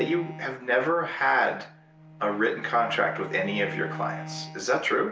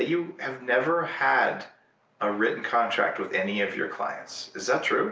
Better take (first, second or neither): second